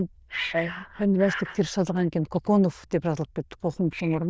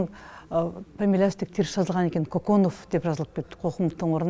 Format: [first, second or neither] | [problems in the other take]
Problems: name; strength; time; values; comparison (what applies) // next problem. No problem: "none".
second | noise reduction (neural diffusion model UNIVERSE++)